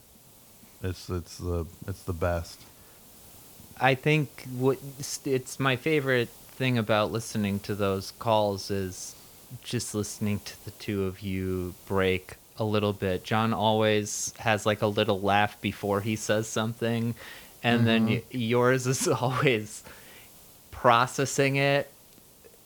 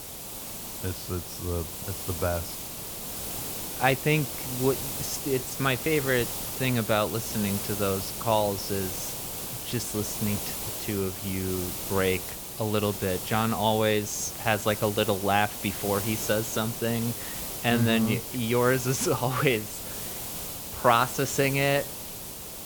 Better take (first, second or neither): first